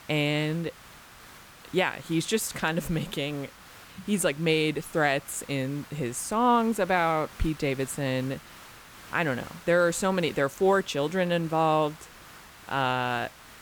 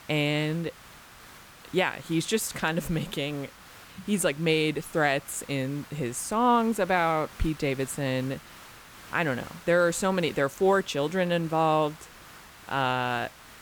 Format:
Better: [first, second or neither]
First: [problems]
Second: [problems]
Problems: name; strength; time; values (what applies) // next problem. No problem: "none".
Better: neither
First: hiss; noticeable; throughout; 20 dB below the speech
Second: hiss; noticeable; throughout; 20 dB below the speech